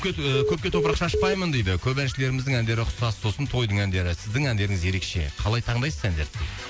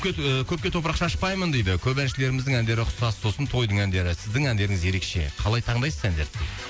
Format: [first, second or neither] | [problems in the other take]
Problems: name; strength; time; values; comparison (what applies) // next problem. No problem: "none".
second | background sound (Telephone); 3 dB below the speech